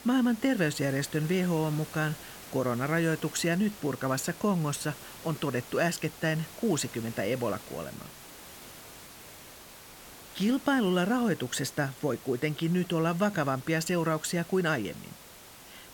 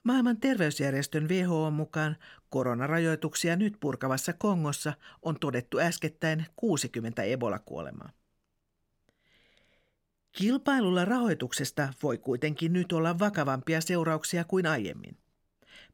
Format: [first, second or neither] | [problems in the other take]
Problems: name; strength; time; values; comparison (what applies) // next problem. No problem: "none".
second | hiss; noticeable; throughout; 15 dB below the speech